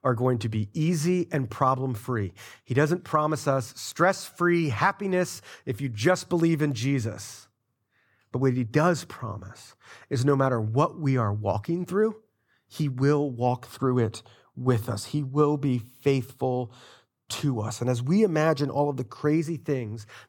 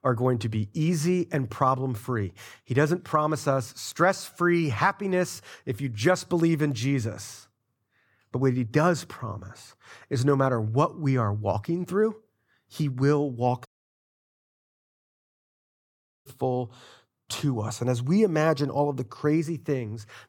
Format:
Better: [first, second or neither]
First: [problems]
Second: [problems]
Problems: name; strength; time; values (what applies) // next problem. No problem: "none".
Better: first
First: none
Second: audio cutting out; at 14 s for 2.5 s